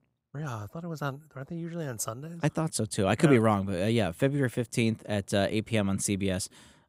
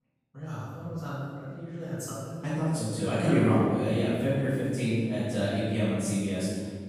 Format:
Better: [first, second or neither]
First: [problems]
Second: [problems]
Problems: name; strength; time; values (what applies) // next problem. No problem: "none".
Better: first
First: none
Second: room echo; strong; dies away in 1.7 s // off-mic speech; far